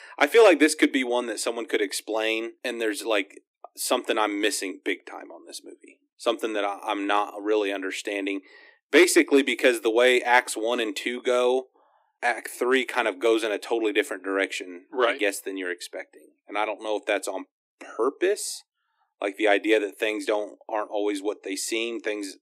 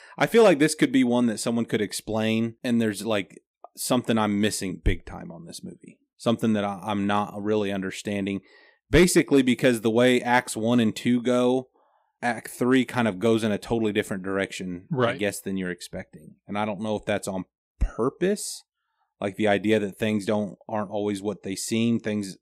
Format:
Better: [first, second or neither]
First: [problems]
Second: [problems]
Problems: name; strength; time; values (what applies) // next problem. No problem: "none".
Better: second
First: thin; somewhat; fading below 300 Hz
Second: none